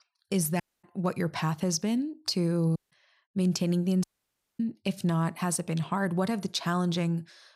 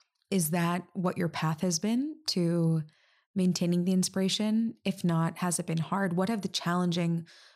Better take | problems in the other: second | audio cutting out; at 0.5 s, at 3 s and at 4 s for 0.5 s

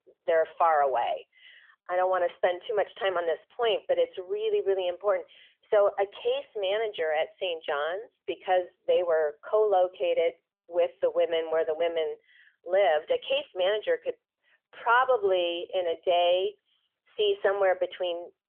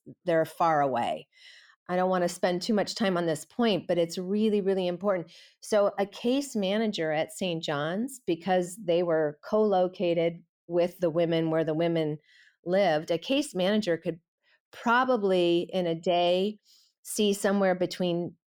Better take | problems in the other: second | phone-call audio; nothing above 3.5 kHz

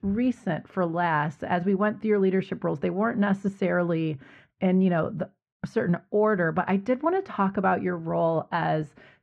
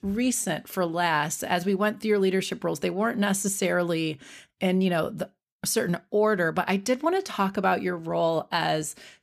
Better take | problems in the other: second | muffled; very; fading above 1.5 kHz

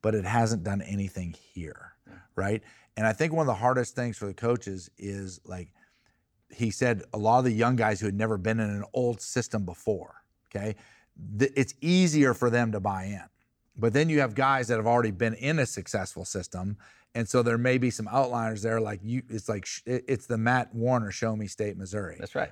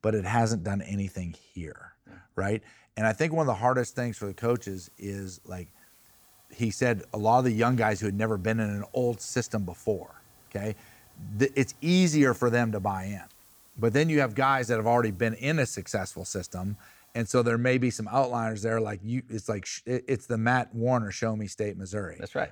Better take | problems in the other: first | hiss; faint; from 4 to 17 s; 25 dB below the speech

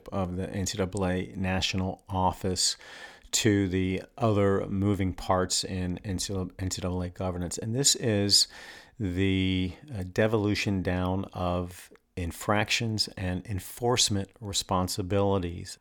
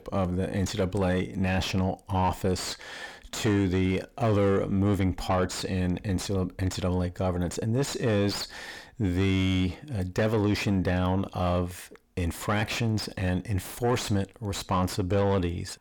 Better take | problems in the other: first | distortion; heavy; 6 dB below the speech

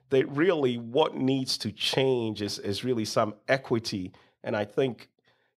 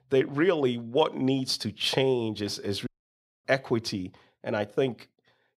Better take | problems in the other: first | audio cutting out; at 3 s for 0.5 s

